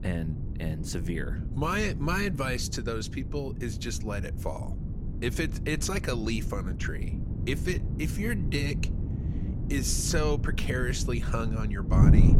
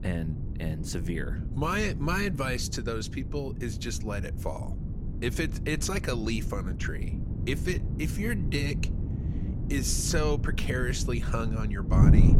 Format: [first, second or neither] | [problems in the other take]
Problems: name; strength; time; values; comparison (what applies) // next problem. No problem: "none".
neither | wind noise on the microphone; heavy; 9 dB below the speech; the same in both